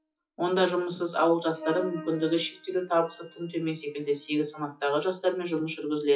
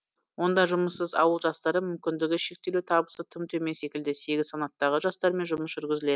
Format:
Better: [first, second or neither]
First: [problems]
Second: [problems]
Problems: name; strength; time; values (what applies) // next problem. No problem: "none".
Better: second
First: noise reduction (classical method WPE with log-MMSE)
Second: none